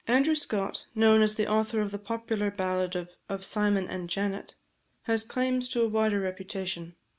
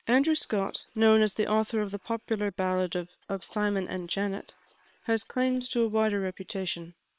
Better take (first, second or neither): first